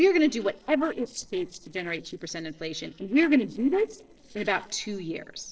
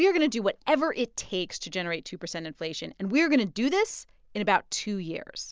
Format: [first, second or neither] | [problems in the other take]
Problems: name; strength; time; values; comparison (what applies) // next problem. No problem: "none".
second | noise reduction (neural separator model SepFormer DNS4)